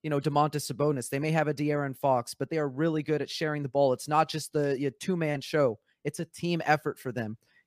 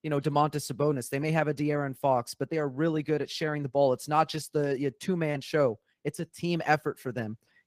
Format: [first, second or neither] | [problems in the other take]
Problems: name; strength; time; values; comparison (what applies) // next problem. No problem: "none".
first | garbled, watery; slightly; nothing above 15 kHz